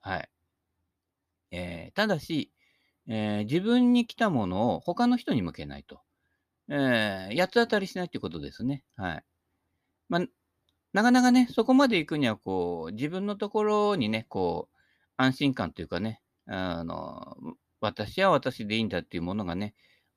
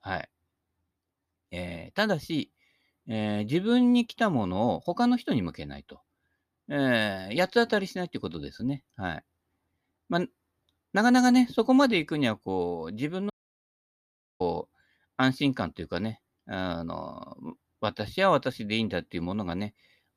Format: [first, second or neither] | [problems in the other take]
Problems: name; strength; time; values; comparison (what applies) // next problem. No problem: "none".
first | audio cutting out; at 13 s for 1 s